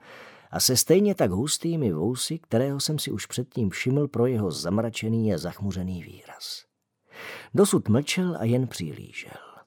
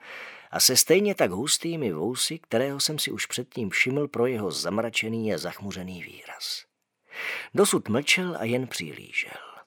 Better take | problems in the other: first | thin; very slightly; fading below 850 Hz

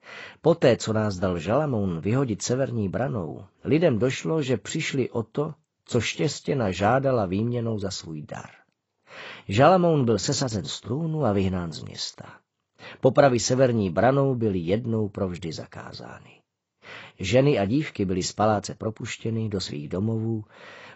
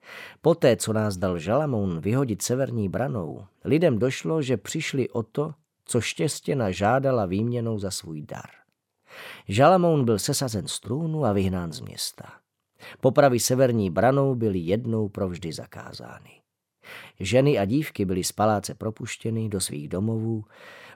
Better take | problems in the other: second | garbled, watery; badly; nothing above 7.5 kHz

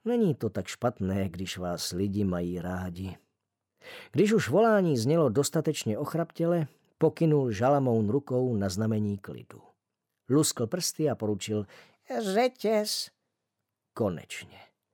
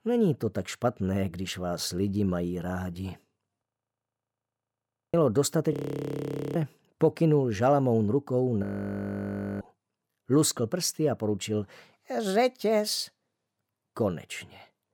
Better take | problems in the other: first | audio freezing; at 3.5 s for 1.5 s, at 5.5 s for 1 s and at 8.5 s for 1 s

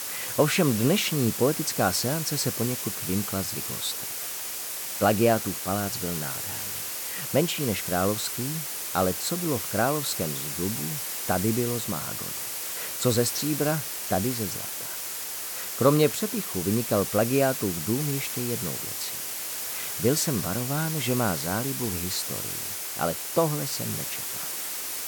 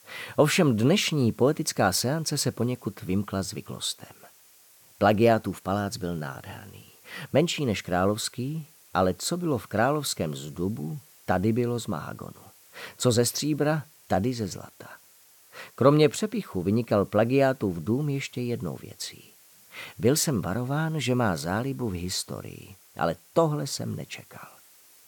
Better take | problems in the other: second | hiss; loud; throughout; 3 dB below the speech; faint in the second

